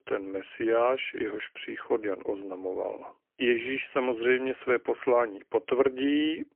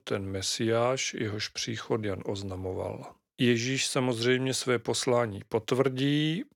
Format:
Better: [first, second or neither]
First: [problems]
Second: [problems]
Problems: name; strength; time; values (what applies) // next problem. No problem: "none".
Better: second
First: phone-call audio; poor line; nothing above 3 kHz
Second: none